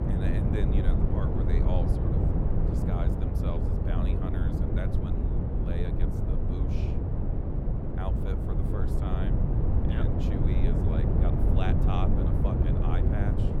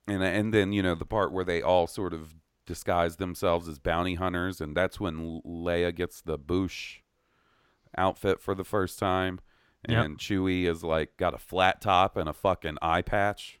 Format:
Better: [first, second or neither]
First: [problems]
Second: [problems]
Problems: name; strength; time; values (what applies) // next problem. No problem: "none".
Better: second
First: wind noise on the microphone; heavy; 4 dB above the speech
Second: none